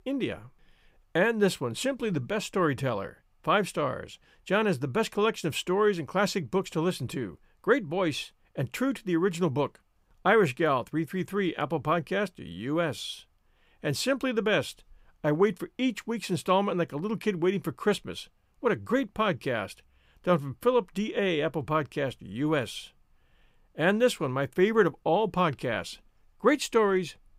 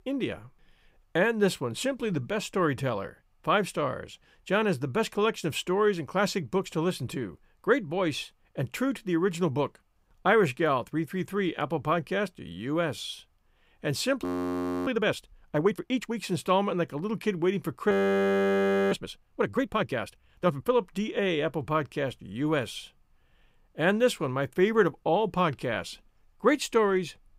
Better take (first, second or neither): first